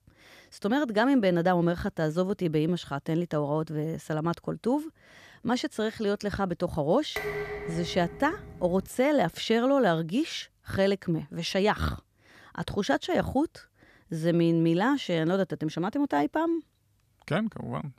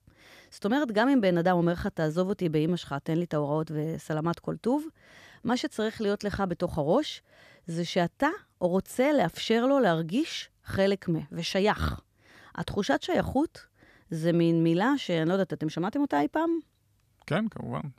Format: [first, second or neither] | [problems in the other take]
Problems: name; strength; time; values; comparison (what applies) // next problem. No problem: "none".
second | clattering dishes; noticeable; from 7 to 9 s; peak 5 dB below the speech